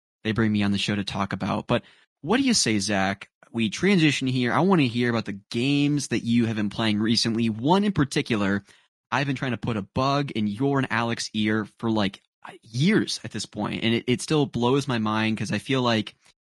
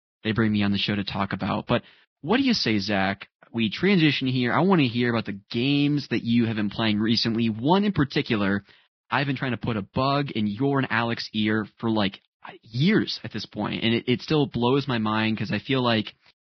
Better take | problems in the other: first | garbled, watery; badly; nothing above 5.5 kHz; slightly in the first

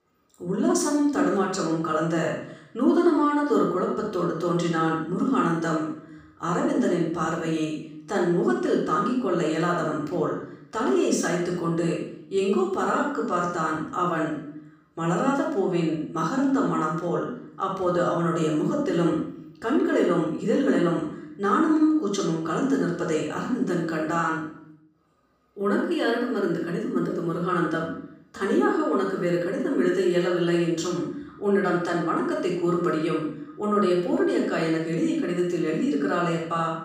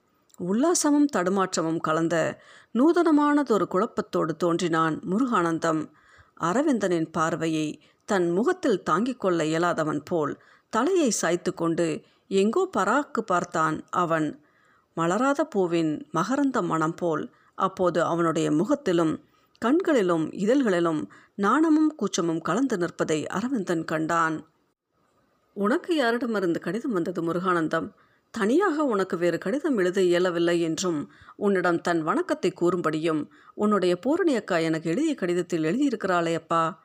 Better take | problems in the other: second | off-mic speech; far // room echo; noticeable; dies away in 0.6 s

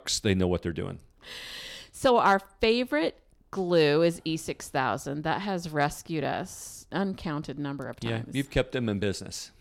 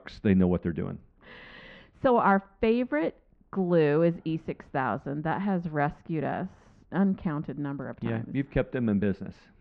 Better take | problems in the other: first | muffled; very; fading above 2 kHz

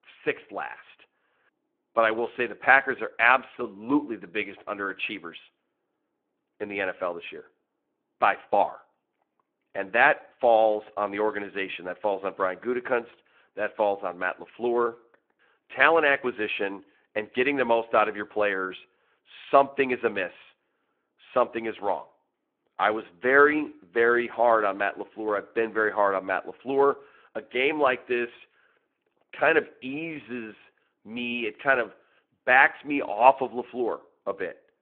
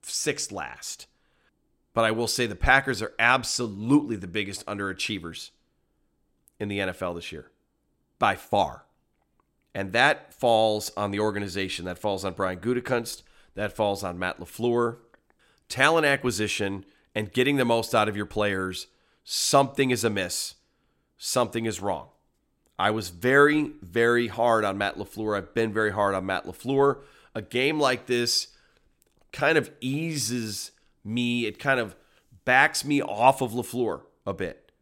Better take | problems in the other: second | phone-call audio

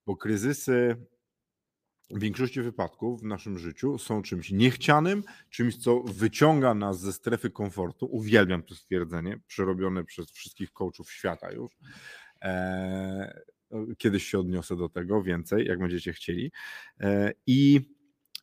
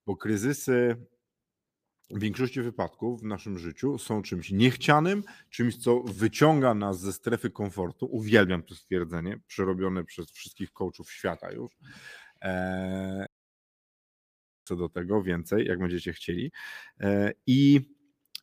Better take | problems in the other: first | audio cutting out; at 13 s for 1.5 s

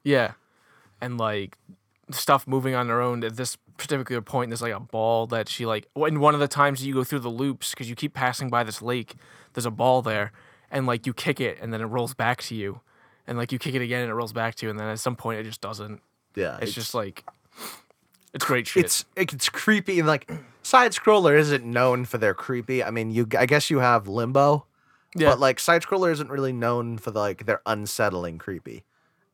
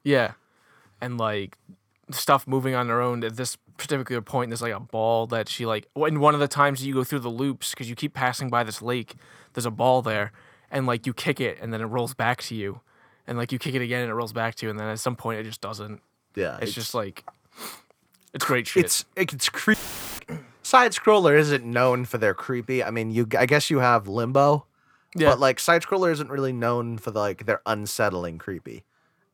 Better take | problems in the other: first | audio cutting out; filled with static; at 20 s

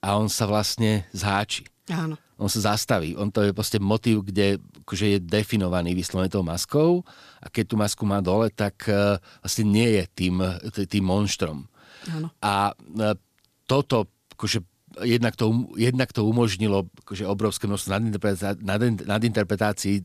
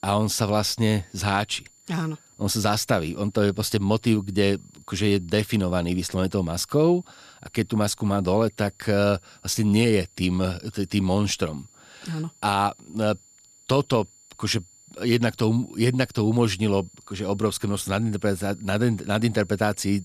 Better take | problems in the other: first | high-pitched whine; faint; throughout; 7 kHz, 30 dB below the speech

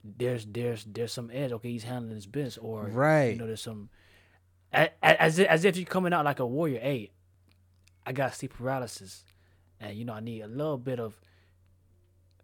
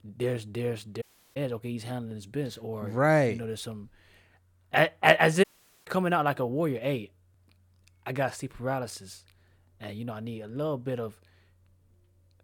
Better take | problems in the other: first | audio cutting out; at 1 s and at 5.5 s

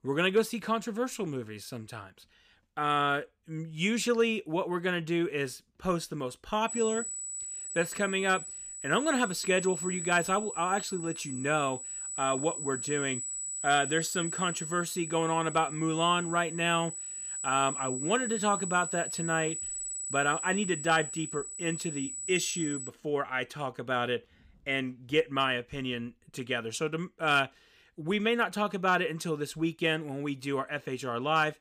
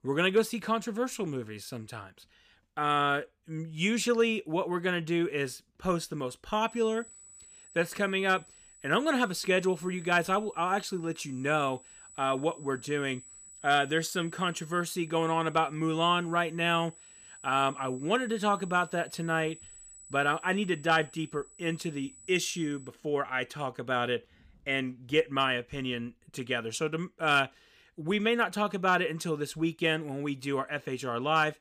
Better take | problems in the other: second | high-pitched whine; loud; from 6.5 to 23 s; 8 kHz, 5 dB below the speech; faint in the second

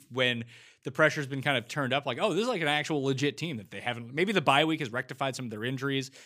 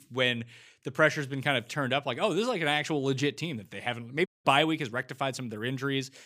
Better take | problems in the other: first | audio cutting out; at 4.5 s

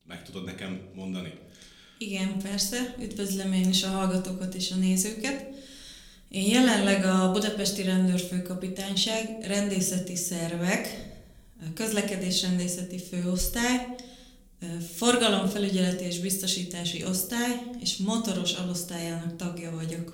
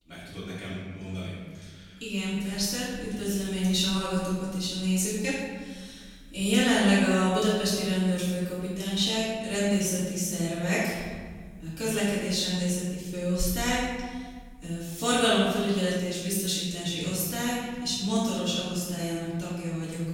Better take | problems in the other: first | room echo; strong; dies away in 1.5 s; slight in the first // off-mic speech; far

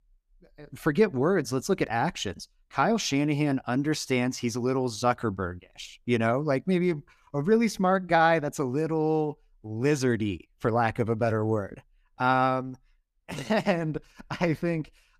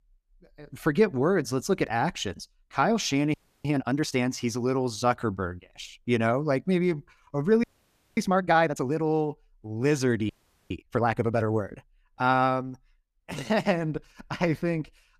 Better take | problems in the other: first | audio freezing; at 3.5 s, at 7.5 s for 0.5 s and at 10 s

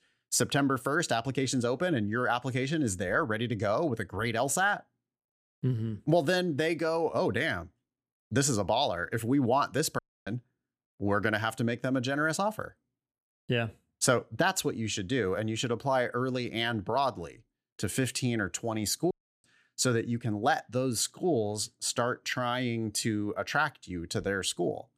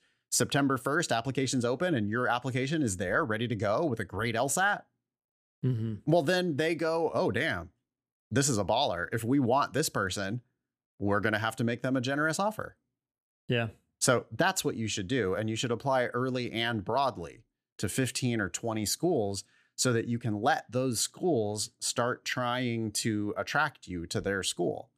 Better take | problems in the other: second | audio cutting out; at 10 s and at 19 s

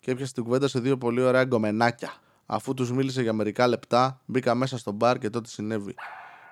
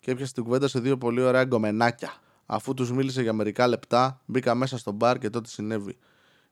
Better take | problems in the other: second | dog barking; faint; at 6 s; peak 15 dB below the speech

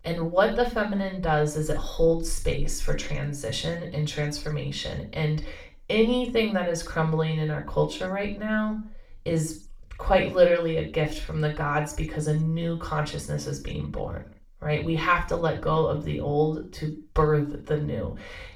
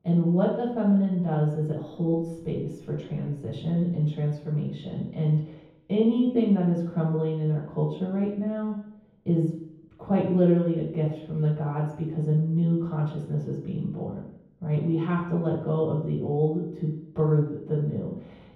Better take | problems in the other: first | room echo; strong; dies away in 0.9 s; slight in the first // off-mic speech; far; far in the first

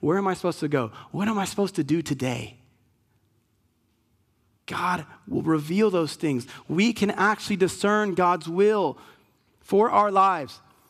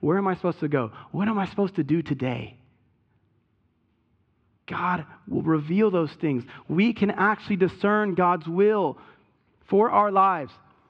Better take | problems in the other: first | muffled; very; fading above 3 kHz

